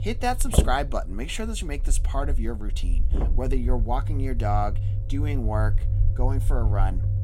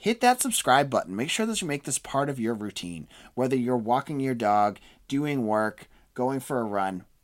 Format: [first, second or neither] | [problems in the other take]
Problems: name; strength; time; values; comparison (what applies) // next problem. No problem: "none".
second | low rumble; loud; throughout; 10 dB below the speech